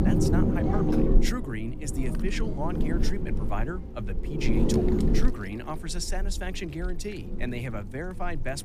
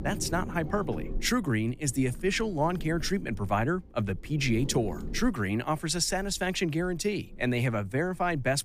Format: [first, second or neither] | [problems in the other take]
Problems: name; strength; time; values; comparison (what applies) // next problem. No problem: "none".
second | wind noise on the microphone; heavy; 3 dB above the speech; occasional gusts in the second